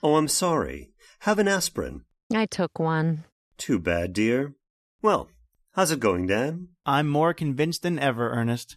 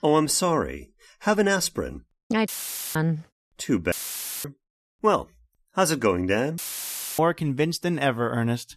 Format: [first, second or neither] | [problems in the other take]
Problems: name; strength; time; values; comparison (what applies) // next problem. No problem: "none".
first | audio cutting out; filled with static; at 2.5 s, at 4 s for 0.5 s and at 6.5 s for 0.5 s